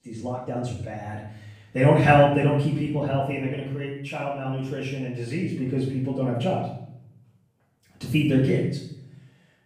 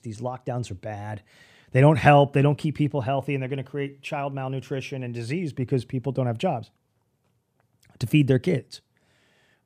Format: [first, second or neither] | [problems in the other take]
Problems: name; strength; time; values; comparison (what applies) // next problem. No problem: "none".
second | off-mic speech; far // room echo; noticeable; dies away in 0.7 s